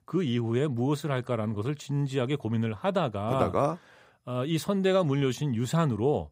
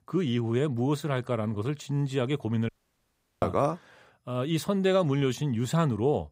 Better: first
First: none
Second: audio cutting out; at 2.5 s for 0.5 s

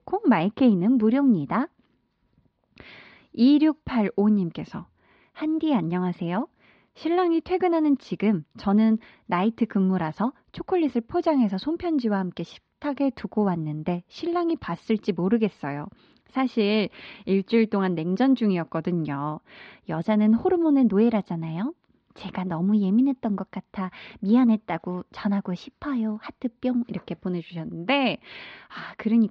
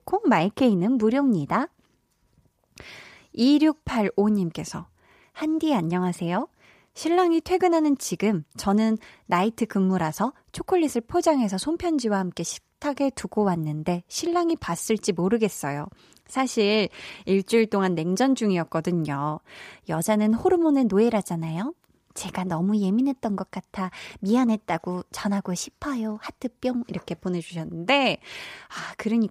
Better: second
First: muffled; slightly; fading above 4 kHz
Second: none

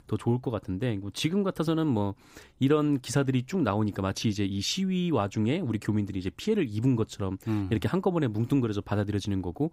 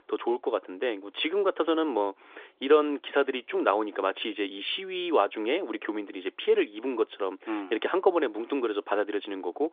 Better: first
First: none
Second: phone-call audio; nothing above 3.5 kHz

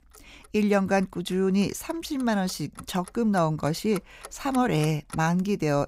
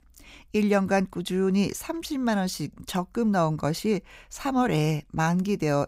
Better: second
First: household noises; faint; throughout; 20 dB below the speech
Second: none

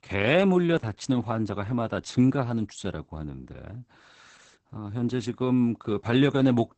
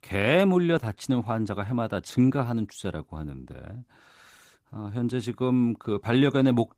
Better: second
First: garbled, watery; badly; nothing above 8 kHz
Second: garbled, watery; slightly; nothing above 15.5 kHz

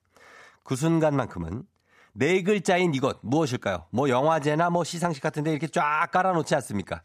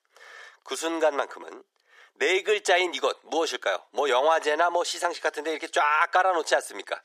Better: first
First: none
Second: thin; very; fading below 400 Hz

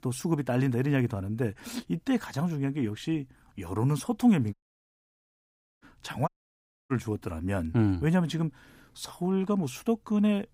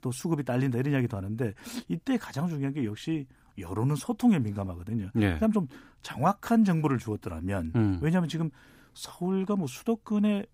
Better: second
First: audio cutting out; at 4.5 s for 1.5 s and at 6.5 s for 0.5 s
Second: none

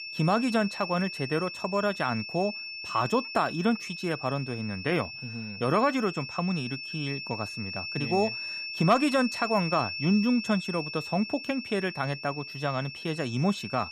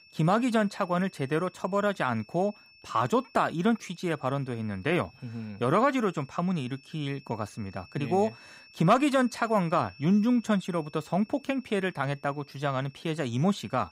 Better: second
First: high-pitched whine; loud; throughout; 2.5 kHz, 7 dB below the speech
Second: high-pitched whine; faint; throughout; 2.5 kHz, 25 dB below the speech

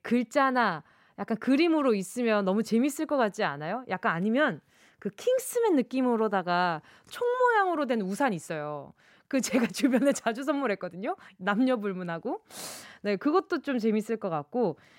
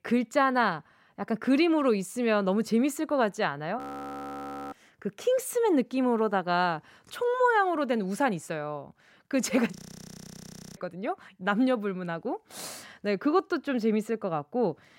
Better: first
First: none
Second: audio freezing; at 4 s for 1 s and at 10 s for 1 s

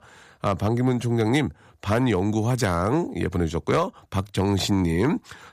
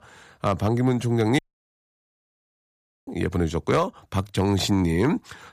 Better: first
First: none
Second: audio cutting out; at 1.5 s for 1.5 s

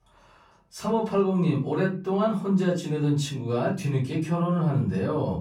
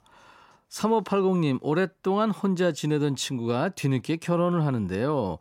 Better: second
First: off-mic speech; far // room echo; slight; dies away in 0.4 s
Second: none

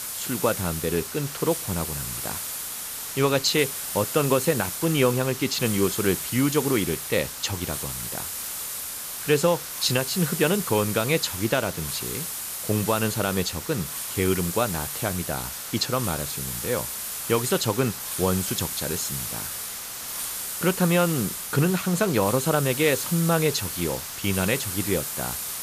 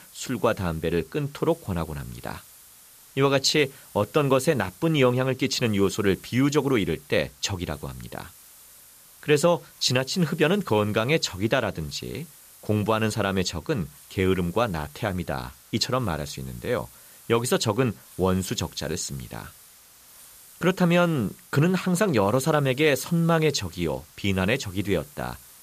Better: second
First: hiss; loud; throughout; 4 dB below the speech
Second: hiss; faint; throughout; 20 dB below the speech

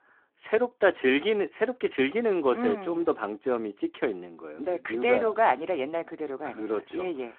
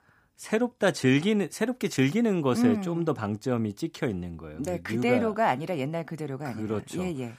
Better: second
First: phone-call audio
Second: none

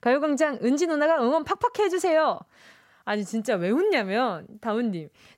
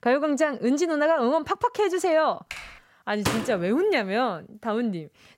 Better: first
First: none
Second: keyboard typing; faint; at 2.5 s; peak 15 dB below the speech // door banging; noticeable; at 3.5 s; peak 4 dB below the speech

